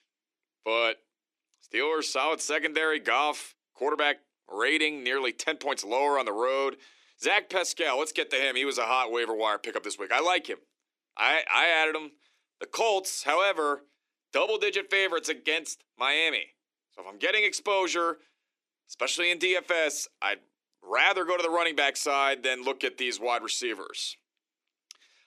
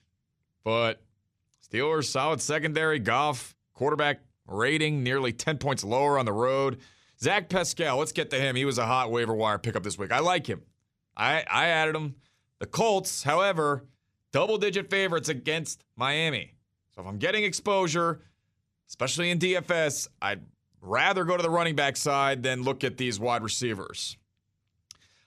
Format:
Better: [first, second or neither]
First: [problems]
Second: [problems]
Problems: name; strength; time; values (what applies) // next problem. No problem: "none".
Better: second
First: thin; somewhat; fading below 300 Hz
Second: none